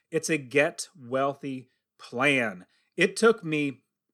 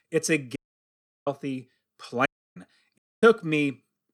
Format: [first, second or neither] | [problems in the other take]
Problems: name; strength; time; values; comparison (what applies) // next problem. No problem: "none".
first | audio cutting out; at 0.5 s for 0.5 s, at 2.5 s and at 3 s